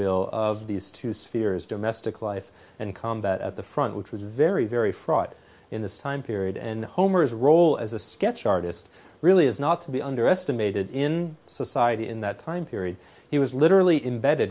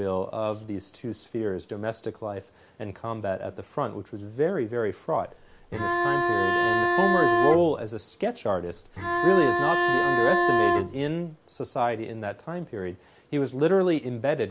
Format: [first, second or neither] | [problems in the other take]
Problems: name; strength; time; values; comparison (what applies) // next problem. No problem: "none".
first | background sound (Bowed string instrument); 4 dB above the speech